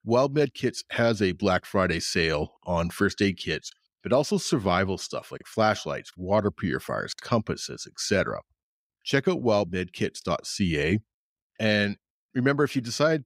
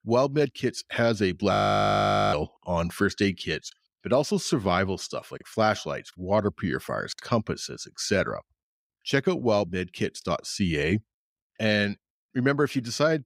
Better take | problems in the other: first | audio freezing; at 1.5 s for 1 s

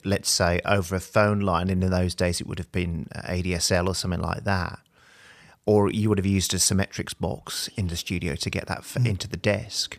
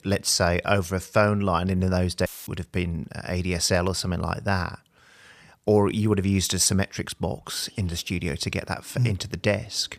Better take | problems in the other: first | audio cutting out; filled with static; at 2.5 s

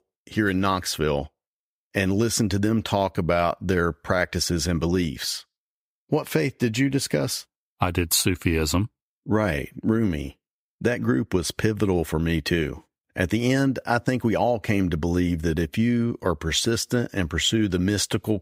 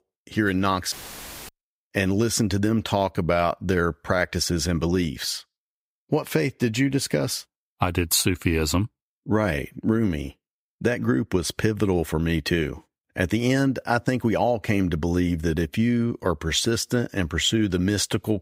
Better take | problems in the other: first | audio cutting out; filled with static; at 1 s for 0.5 s

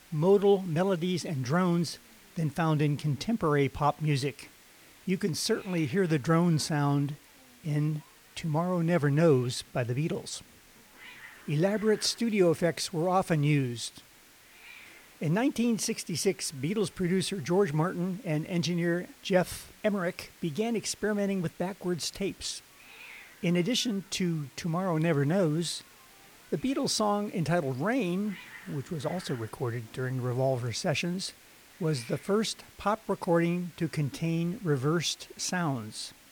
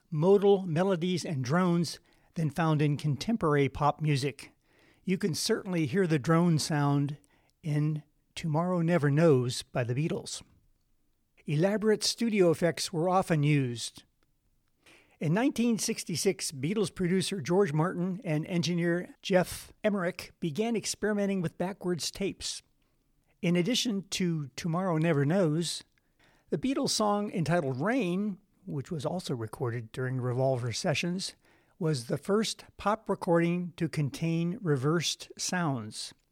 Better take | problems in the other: second | hiss; faint; throughout; 25 dB below the speech

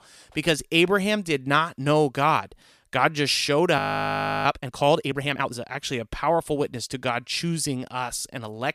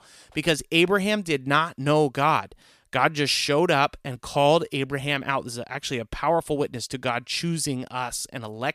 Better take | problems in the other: second | audio freezing; at 4 s for 0.5 s

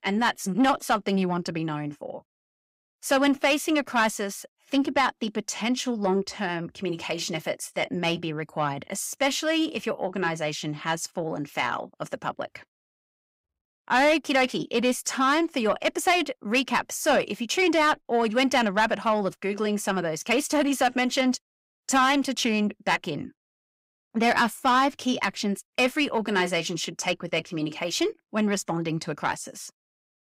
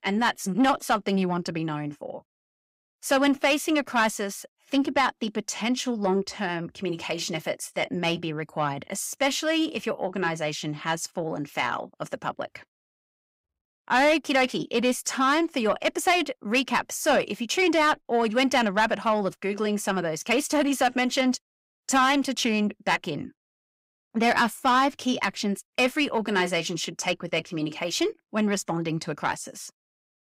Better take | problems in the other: neither | distortion; slight; 10 dB below the speech; the same in both

